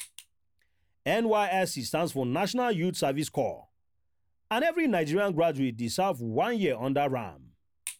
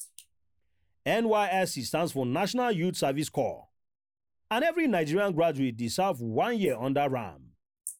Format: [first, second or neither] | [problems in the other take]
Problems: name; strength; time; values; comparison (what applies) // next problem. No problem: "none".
first | noise reduction (neural mask model Resemble Enhance denoiser)